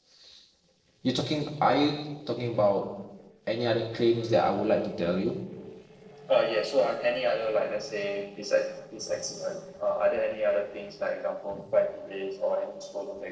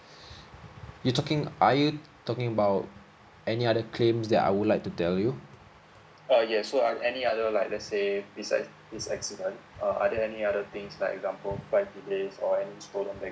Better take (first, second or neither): second